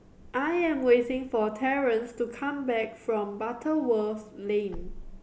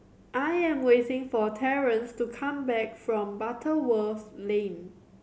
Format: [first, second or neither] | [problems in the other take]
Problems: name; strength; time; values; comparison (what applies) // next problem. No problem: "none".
second | background sound (Wind / Car); 19 dB below the speech